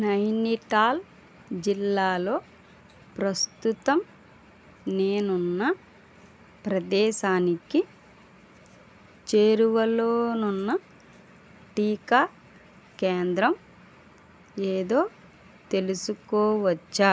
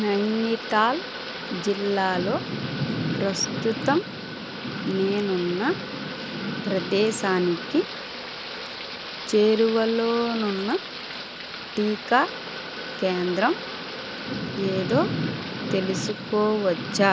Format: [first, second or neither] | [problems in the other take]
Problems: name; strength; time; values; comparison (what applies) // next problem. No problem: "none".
first | background sound (Thunder / Rain); 6 dB below the speech